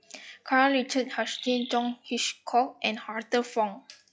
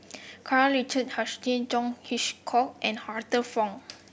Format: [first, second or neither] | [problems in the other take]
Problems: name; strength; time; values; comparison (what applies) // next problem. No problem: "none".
second | noise reduction (classical method log-MMSE)